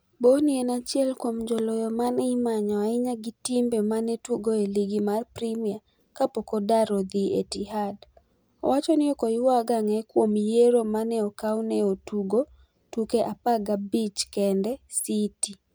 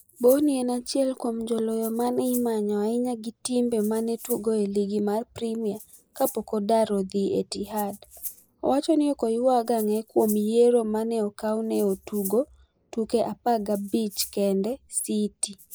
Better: first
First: none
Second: noise reduction (neural mask model Resemble Enhance denoiser)

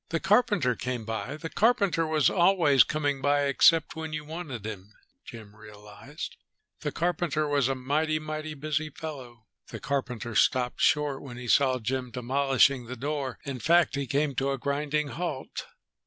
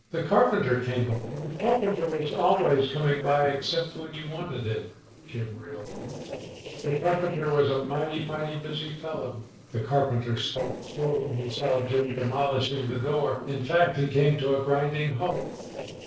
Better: first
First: none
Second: noise reduction (neural separator model SepFormer DNS4)

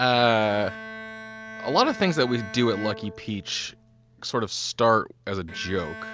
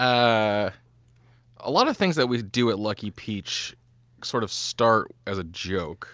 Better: second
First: background sound (Bowed string instrument); 14 dB below the speech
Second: none

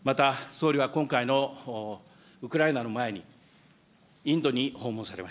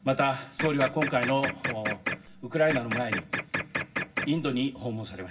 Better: first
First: none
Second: background sound (Printer); 4 dB below the speech // room echo; dies away in 0.4 s

